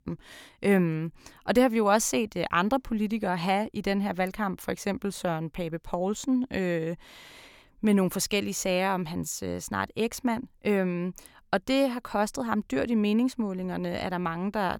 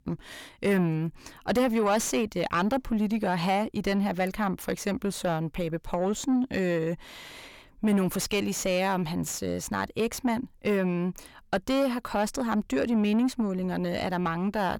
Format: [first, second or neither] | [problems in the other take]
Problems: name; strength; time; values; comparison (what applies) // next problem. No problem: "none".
first | distortion; slight; 9 dB below the speech